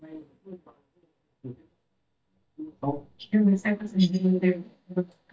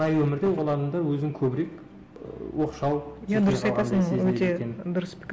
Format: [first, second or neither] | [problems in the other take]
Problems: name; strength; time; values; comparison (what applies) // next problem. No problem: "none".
second | noise reduction (neural mask model DeepFilterNet 3)